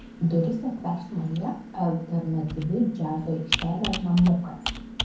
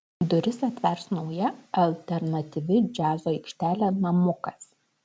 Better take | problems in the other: second | background sound (Computer keyboard); 9 dB below the speech // room echo; dies away in 0.5 s

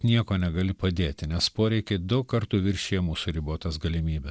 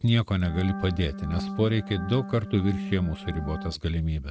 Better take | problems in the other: first | noise reduction (neural mask model RNNoise)

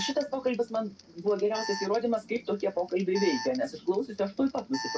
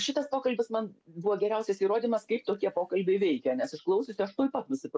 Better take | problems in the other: second | background sound (Alarm); 12 dB below the speech // room echo; dies away in 0.2 s

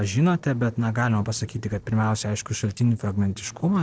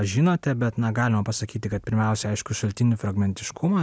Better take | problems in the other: second | noise reduction (neural separator model SepFormer DNS4)

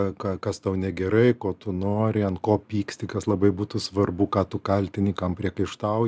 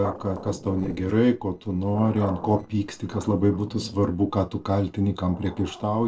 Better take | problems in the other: first | noise reduction (neural separator model SepFormer DNS4)

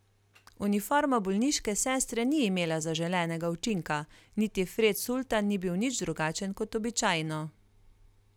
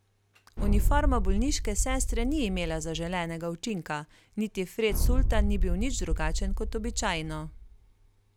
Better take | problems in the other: first | background sound (Boom); 4 dB above the speech

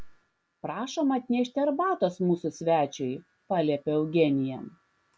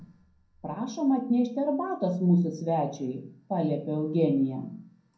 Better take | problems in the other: first | room echo; dies away in 0.5 s

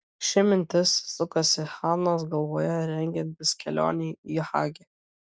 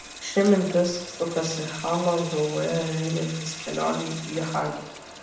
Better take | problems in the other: first | background sound (Sink (filling or washing) / Water tap, faucet); 12 dB below the speech // room echo; dies away in 0.7 s

